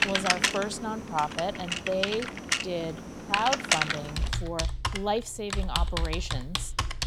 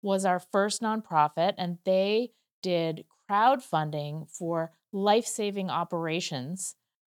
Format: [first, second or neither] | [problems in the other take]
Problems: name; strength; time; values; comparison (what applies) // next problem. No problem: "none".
second | household noises; very loud; throughout; 3 dB above the speech